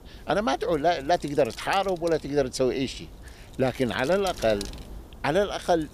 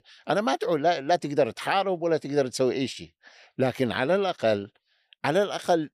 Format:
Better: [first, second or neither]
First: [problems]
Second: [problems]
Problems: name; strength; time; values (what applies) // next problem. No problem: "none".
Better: second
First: wind noise on the microphone; occasional gusts; 20 dB below the speech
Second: none